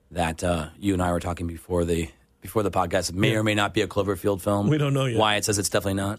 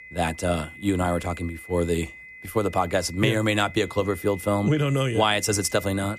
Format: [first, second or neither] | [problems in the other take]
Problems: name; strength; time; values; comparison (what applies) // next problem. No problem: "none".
first | high-pitched whine; noticeable; throughout; 2 kHz, 15 dB below the speech